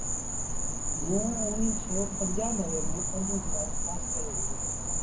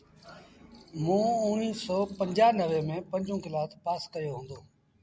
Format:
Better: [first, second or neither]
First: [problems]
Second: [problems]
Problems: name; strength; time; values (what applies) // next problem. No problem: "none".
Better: second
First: background sound (Insect); 5 dB above the speech // room echo; dies away in 0.4 s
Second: none